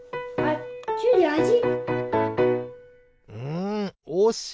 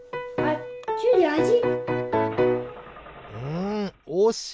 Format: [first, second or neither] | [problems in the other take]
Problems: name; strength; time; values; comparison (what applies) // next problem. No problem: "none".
first | background sound (Engine starting / Car); 19 dB below the speech